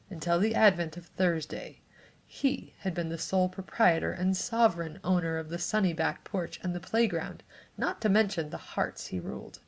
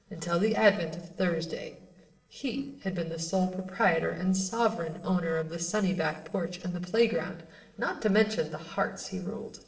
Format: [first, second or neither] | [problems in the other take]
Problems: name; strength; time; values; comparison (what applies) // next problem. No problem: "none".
first | noise reduction (neural separator model SepFormer DNS4)